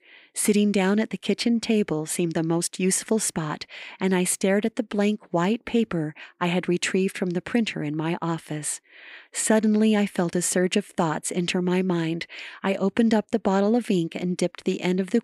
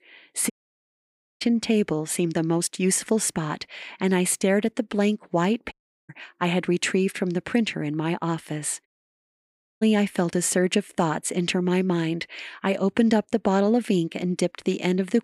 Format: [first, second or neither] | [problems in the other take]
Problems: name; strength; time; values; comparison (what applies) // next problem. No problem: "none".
first | audio cutting out; at 0.5 s for 1 s, at 5.5 s and at 9 s for 1 s